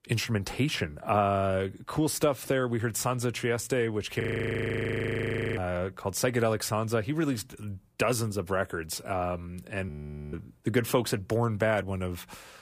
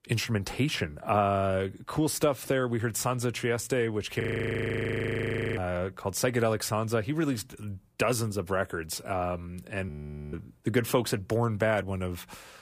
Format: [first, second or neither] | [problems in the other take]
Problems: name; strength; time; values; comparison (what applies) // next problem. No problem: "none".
neither | audio freezing; at 4 s for 1.5 s and at 10 s; the same in both